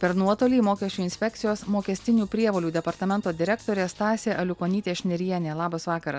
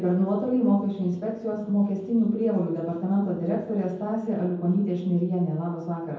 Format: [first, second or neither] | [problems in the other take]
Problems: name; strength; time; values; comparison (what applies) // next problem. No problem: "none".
first | room echo; dies away in 0.9 s